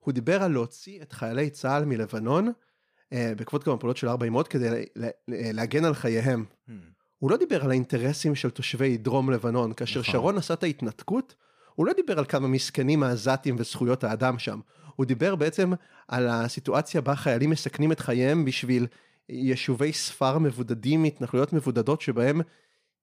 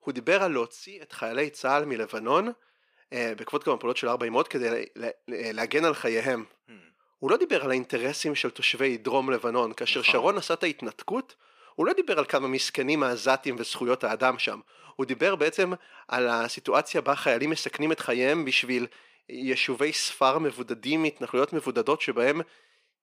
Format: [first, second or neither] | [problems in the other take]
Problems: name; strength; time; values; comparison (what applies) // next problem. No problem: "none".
first | thin; somewhat; fading below 400 Hz